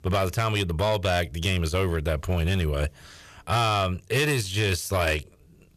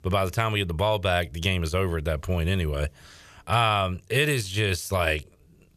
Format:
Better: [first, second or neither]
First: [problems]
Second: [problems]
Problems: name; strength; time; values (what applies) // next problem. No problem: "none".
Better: second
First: distortion; slight; 7% of the sound clipped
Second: none